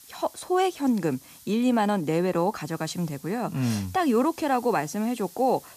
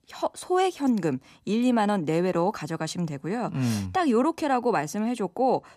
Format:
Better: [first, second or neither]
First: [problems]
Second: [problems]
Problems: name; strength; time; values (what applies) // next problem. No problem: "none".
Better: second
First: hiss; faint; throughout; 20 dB below the speech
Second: none